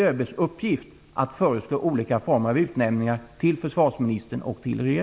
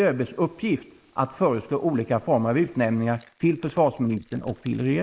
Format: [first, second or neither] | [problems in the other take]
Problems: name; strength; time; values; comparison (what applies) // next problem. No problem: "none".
first | noise reduction (neural mask model Resemble Enhance denoiser)